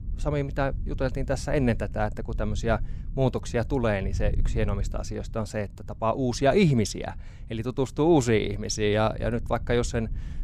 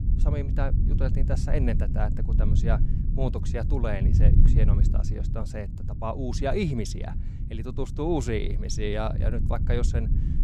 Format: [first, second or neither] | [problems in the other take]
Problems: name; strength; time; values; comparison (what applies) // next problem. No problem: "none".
first | low rumble; loud; throughout; 8 dB below the speech; faint in the first